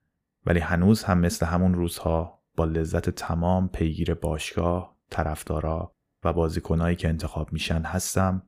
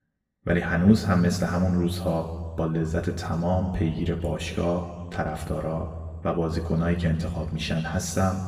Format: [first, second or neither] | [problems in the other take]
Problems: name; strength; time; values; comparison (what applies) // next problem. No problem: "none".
first | room echo; slight; dies away in 1.6 s // off-mic speech; somewhat distant